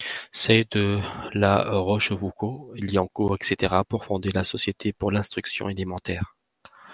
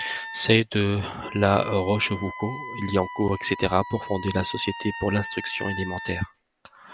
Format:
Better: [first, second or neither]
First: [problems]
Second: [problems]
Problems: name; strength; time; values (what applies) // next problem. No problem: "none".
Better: first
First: none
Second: background sound (Wind instrument, woodwind instrument); 12 dB below the speech